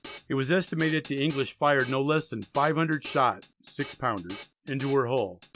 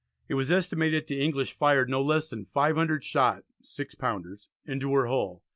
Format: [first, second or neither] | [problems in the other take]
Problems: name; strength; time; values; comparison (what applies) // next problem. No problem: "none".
second | background sound (Drum kit); 20 dB below the speech